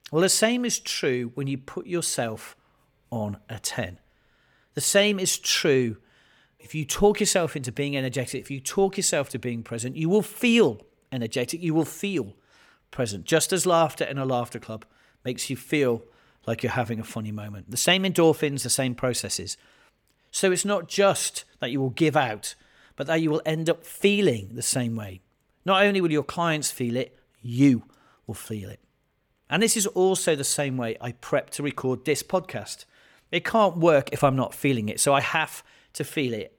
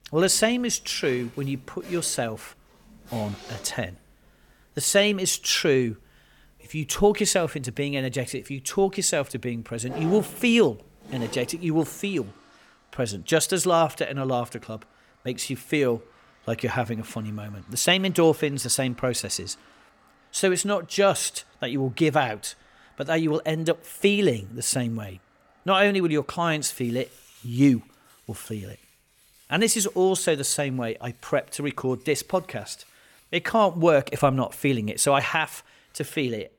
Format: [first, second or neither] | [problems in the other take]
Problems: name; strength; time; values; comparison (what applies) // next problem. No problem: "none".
first | household noises; faint; throughout; 25 dB below the speech